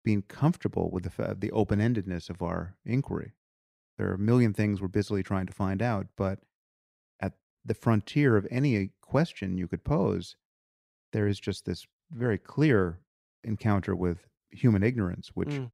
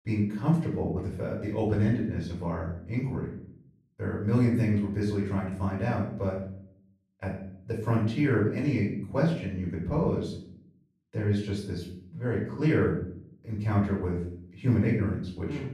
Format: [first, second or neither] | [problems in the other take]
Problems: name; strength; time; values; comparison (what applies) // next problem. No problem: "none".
first | off-mic speech; far // room echo; noticeable; dies away in 0.6 s